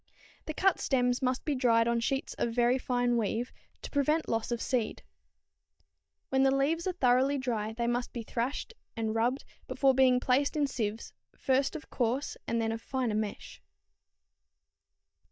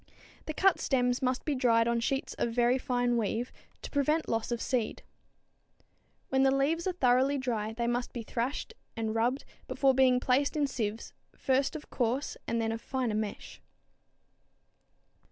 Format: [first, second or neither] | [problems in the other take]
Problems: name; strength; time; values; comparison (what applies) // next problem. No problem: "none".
second | noise reduction (neural mask model DeepFilterNet 3)